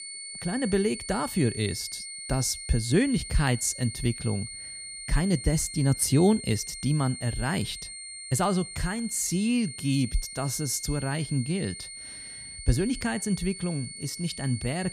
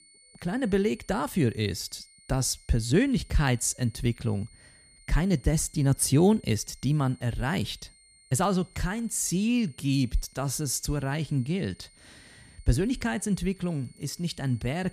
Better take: second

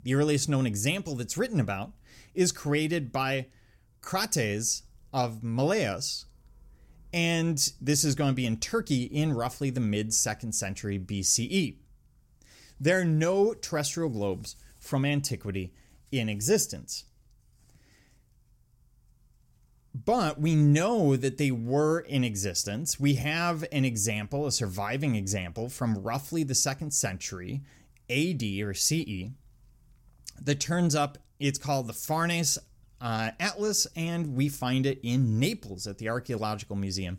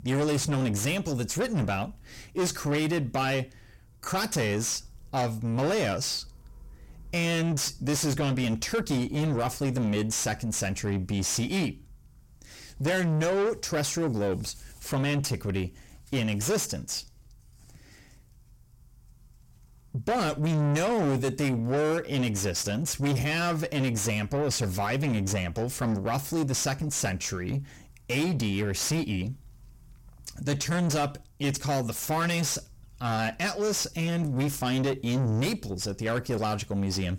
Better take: first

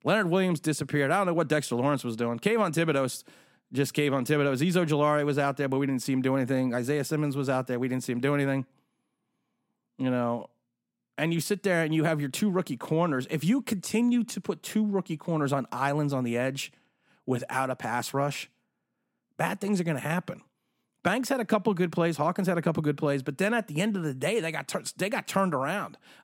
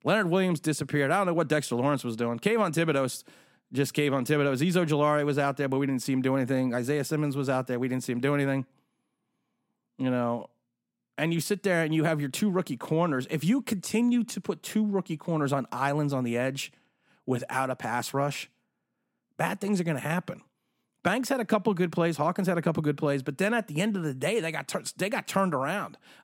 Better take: neither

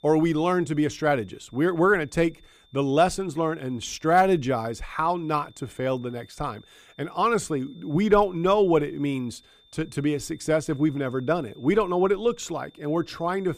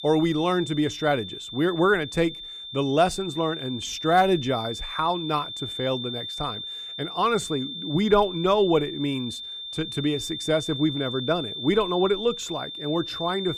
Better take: first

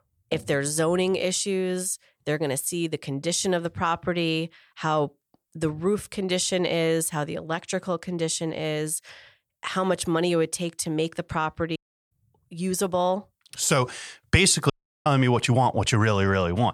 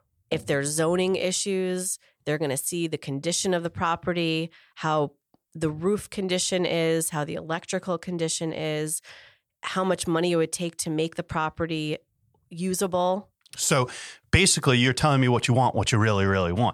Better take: second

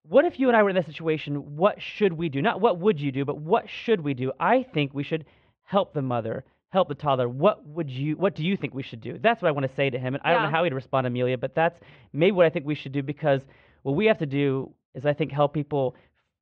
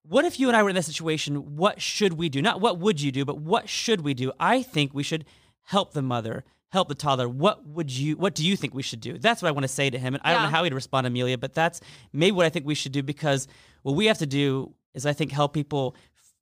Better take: second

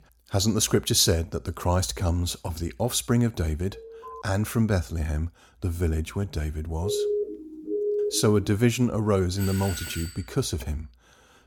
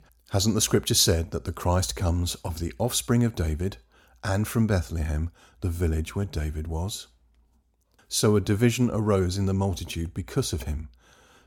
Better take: second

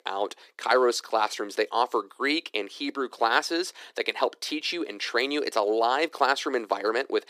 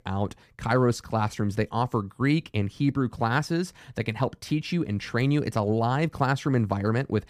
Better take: second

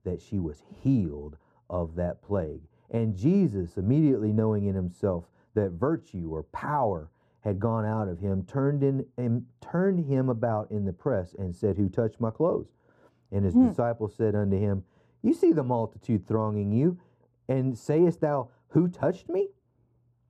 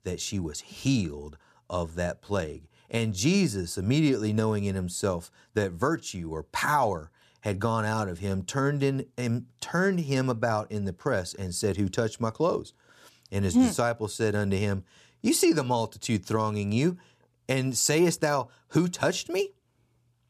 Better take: second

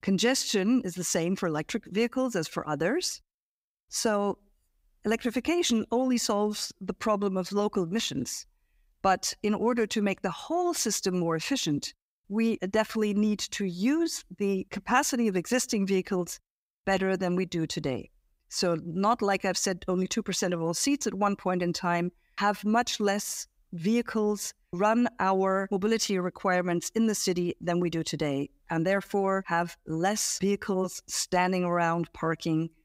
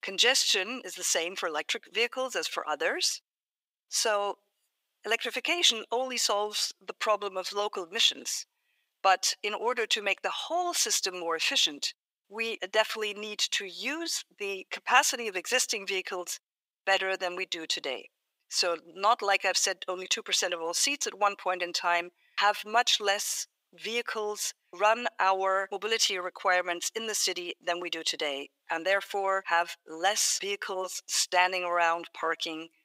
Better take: first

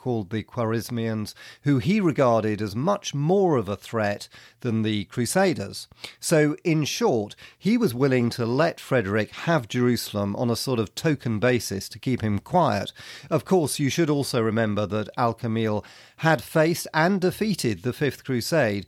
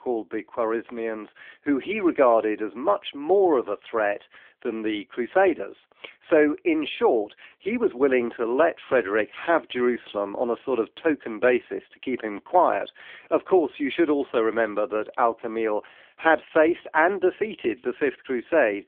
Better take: first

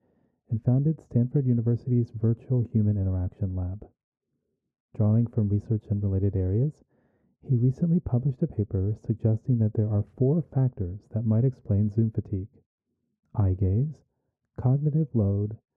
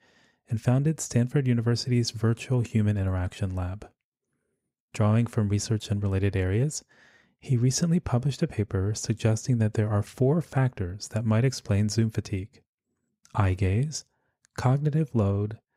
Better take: second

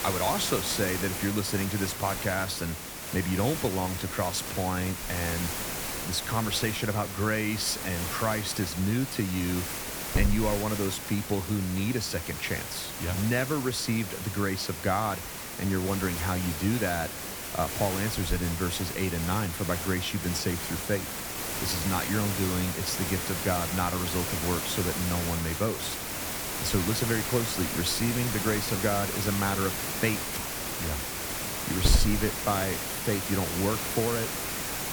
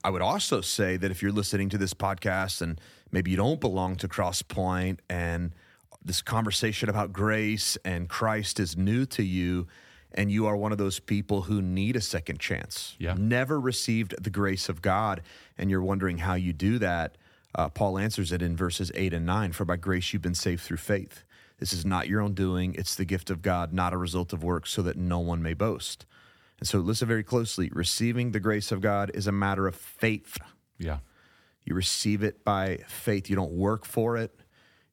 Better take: second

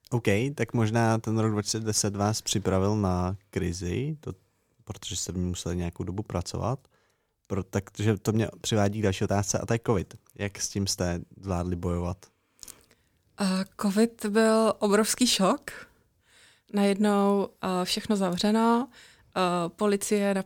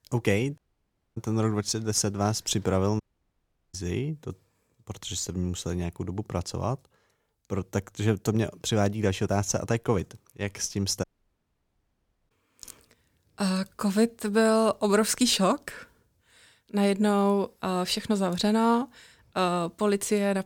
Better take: first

